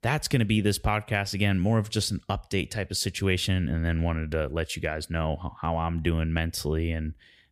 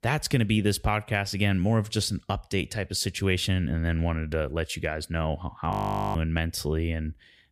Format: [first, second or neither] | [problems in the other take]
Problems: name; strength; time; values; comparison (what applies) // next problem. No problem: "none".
first | audio freezing; at 5.5 s